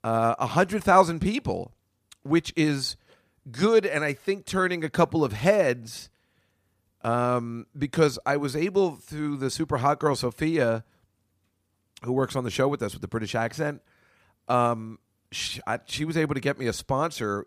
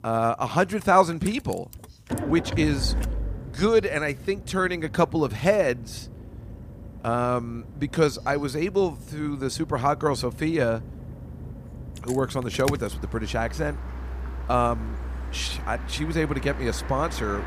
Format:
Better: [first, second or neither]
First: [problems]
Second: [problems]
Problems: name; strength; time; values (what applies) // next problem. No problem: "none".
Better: first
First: none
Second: traffic noise; noticeable; throughout; 10 dB below the speech